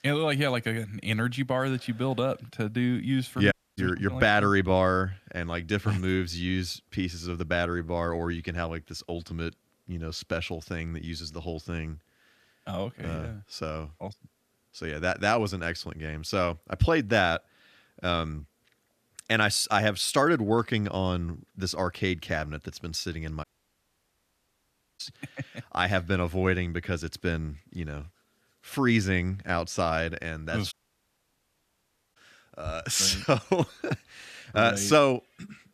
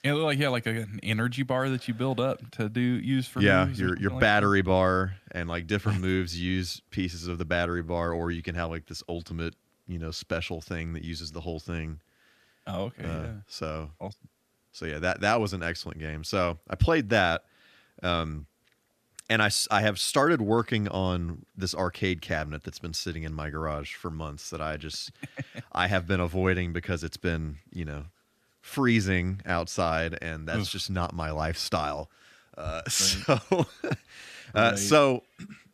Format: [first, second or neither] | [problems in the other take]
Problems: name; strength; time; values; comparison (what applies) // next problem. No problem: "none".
second | audio cutting out; at 3.5 s, at 23 s for 1.5 s and at 31 s for 1.5 s